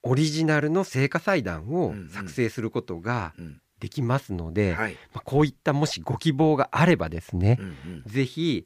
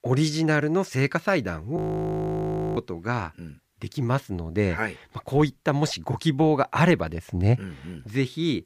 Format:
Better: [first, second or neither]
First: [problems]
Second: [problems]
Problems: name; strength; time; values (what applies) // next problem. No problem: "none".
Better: first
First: none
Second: audio freezing; at 2 s for 1 s